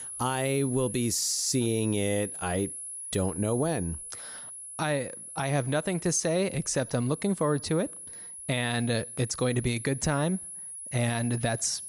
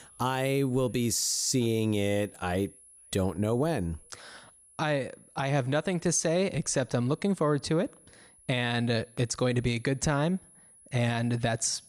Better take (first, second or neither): second